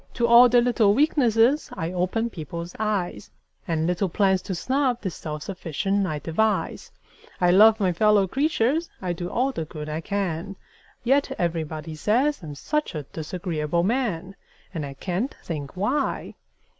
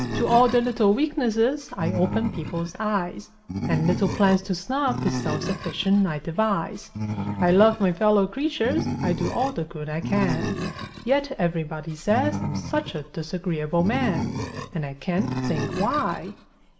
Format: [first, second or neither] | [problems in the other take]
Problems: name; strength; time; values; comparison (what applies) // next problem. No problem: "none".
first | background sound (Animal); 7 dB below the speech // room echo; dies away in 0.5 s